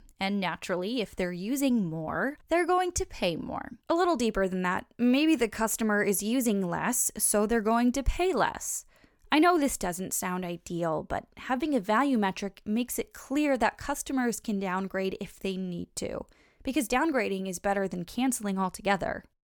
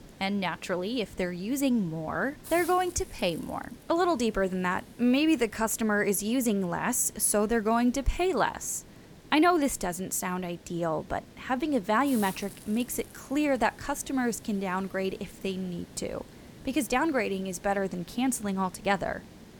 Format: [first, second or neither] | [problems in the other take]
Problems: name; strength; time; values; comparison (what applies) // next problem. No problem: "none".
first | hiss; noticeable; throughout; 20 dB below the speech